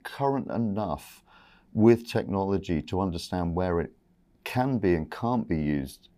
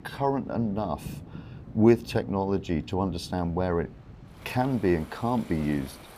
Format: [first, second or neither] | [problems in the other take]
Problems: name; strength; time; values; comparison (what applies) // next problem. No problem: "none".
first | rain or running water; noticeable; throughout; 15 dB below the speech